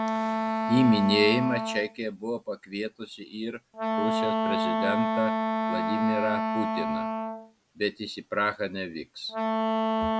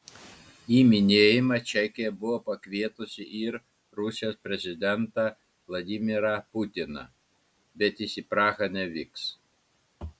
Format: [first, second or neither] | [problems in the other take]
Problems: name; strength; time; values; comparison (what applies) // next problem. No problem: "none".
second | background sound (Wind instrument, woodwind instrument); 1 dB above the speech